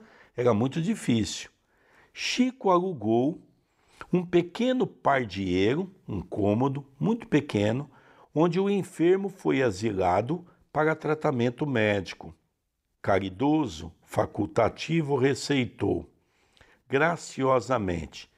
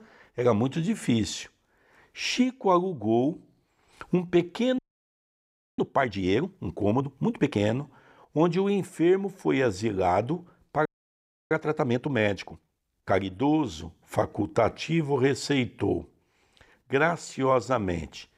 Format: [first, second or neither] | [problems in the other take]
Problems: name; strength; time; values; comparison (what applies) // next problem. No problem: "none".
first | audio freezing; at 5 s for 1 s and at 11 s for 0.5 s